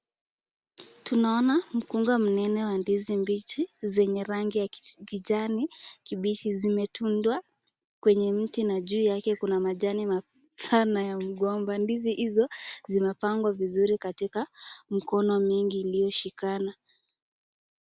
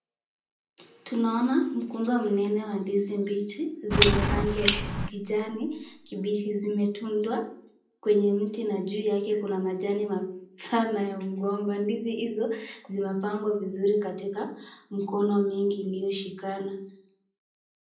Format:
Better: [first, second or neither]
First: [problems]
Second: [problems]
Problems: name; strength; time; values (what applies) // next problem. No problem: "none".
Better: first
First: none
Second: background sound (Clock); 1 dB above the speech // room echo; dies away in 0.6 s